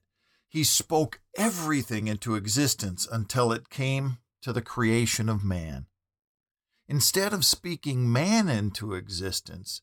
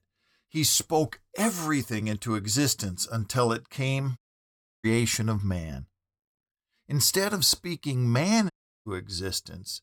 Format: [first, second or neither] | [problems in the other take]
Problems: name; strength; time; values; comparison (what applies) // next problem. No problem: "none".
first | audio cutting out; at 4 s for 0.5 s and at 8.5 s